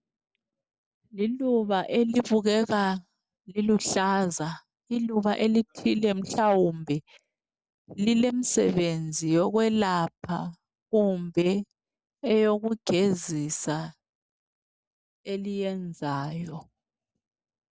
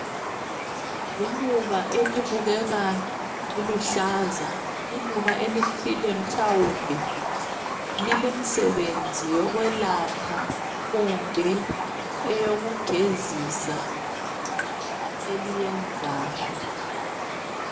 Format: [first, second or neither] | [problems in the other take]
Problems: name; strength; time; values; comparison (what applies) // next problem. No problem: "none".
first | background sound (Raindrop); 2 dB below the speech // room echo; dies away in 1.2 s